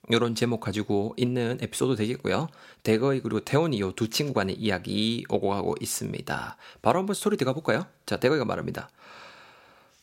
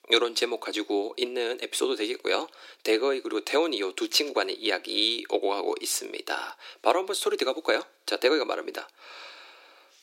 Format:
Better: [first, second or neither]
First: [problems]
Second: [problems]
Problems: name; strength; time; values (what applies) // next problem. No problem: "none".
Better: first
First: none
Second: thin; very; fading below 300 Hz